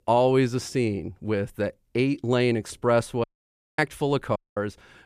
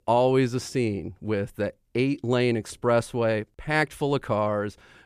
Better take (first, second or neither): second